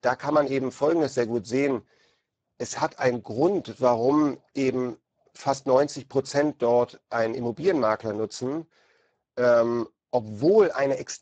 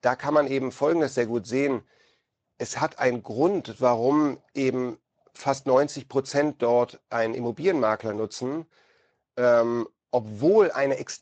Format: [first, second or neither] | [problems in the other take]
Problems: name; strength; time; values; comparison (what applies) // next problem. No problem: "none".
second | garbled, watery; badly; nothing above 7.5 kHz; slightly in the second